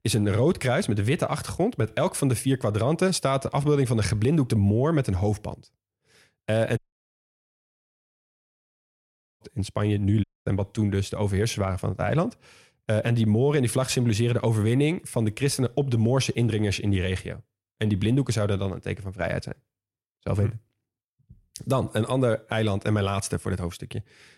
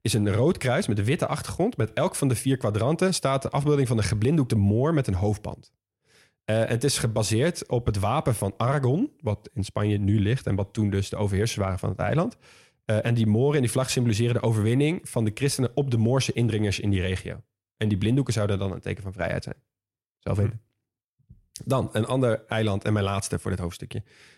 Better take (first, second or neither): second